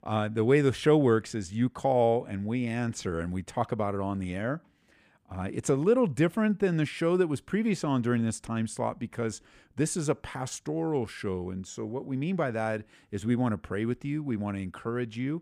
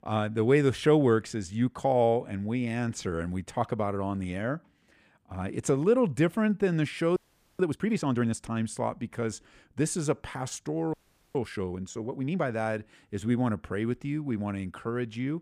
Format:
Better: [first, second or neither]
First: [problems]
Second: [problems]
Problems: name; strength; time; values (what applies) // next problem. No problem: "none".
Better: first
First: none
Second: audio freezing; at 7 s and at 11 s